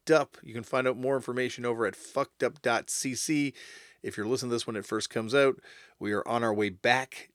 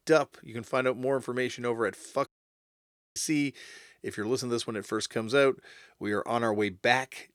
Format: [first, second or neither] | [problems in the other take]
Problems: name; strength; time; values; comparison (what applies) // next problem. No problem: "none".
first | audio cutting out; at 2.5 s for 1 s